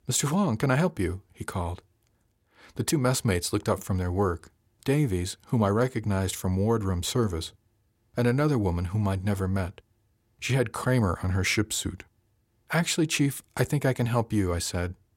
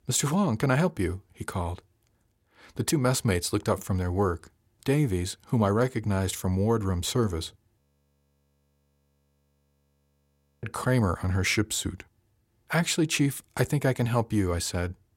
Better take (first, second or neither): first